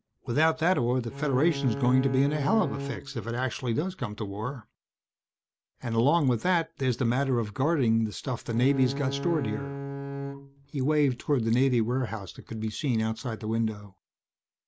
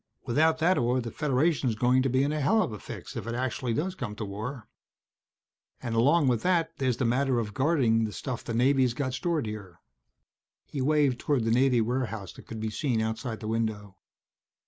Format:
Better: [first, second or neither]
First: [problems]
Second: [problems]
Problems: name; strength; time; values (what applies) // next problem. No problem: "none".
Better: second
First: background sound (Bowed string instrument); 7 dB below the speech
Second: none